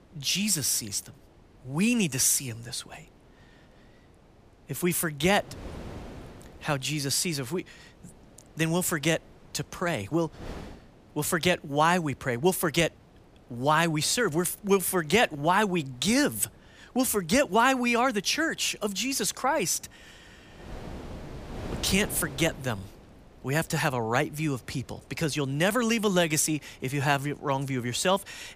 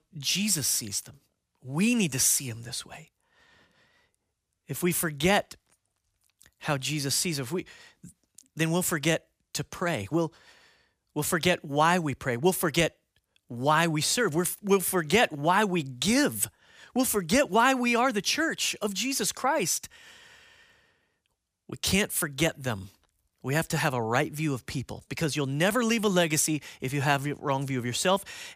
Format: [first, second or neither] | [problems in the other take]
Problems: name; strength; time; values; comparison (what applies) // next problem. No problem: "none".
second | wind noise on the microphone; occasional gusts; 25 dB below the speech